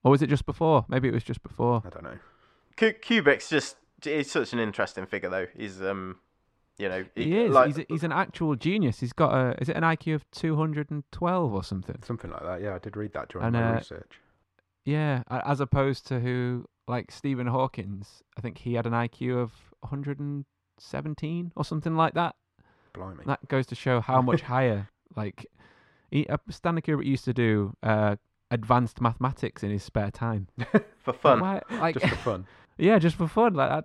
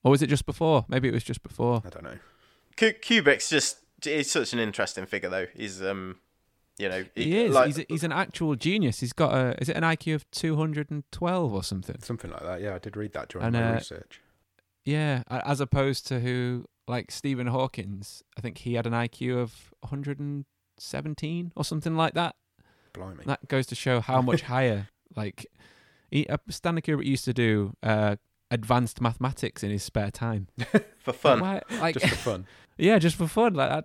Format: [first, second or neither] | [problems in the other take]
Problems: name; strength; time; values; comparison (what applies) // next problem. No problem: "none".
second | muffled; slightly; fading above 2 kHz